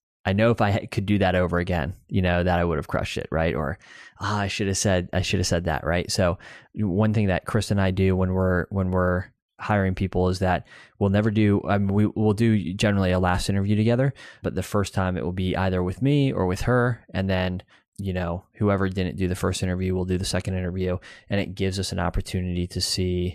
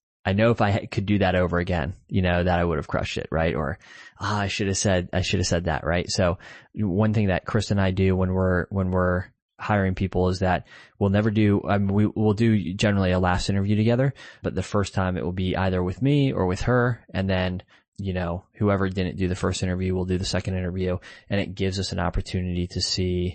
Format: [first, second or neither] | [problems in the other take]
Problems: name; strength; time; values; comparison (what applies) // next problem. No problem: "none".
first | garbled, watery; slightly; nothing above 8 kHz